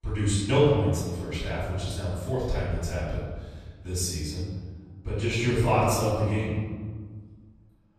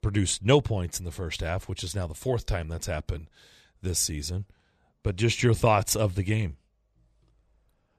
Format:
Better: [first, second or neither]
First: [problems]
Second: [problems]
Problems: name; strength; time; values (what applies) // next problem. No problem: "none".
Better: second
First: off-mic speech; far // room echo; strong; dies away in 1.6 s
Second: none